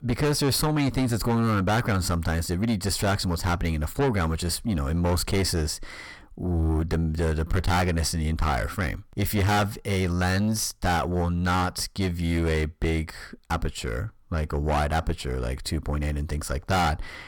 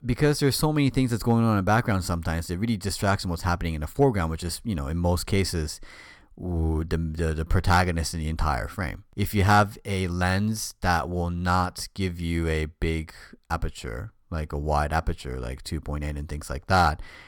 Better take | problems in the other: second | distortion; heavy; 7 dB below the speech

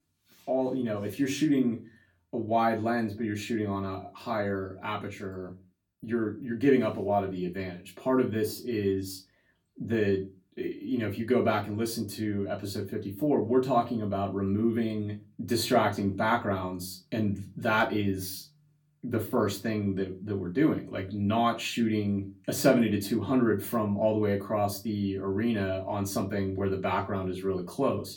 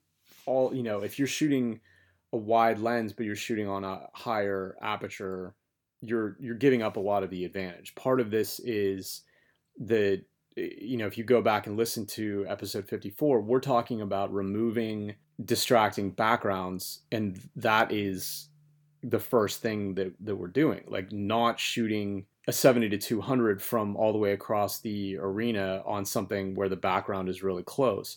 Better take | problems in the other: second | off-mic speech; far // room echo; very slight; dies away in 0.2 s

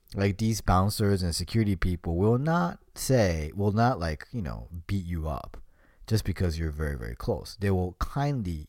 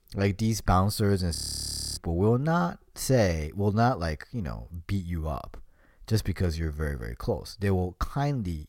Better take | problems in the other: first | audio freezing; at 1.5 s for 0.5 s

